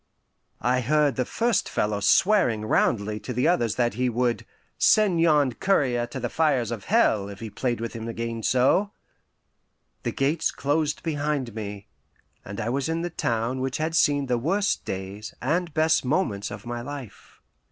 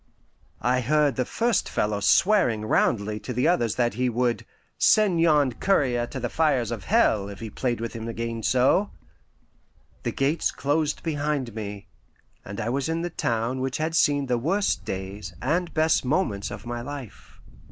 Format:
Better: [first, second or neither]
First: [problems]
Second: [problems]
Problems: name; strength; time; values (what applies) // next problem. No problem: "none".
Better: first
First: none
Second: background sound (Wind); 18 dB below the speech